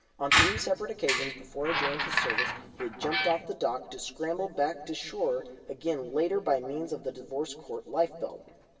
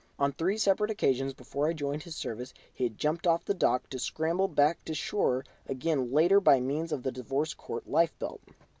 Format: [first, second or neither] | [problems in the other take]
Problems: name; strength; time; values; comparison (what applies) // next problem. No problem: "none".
second | background sound (Squeak); 2 dB above the speech // room echo; dies away in 1.3 s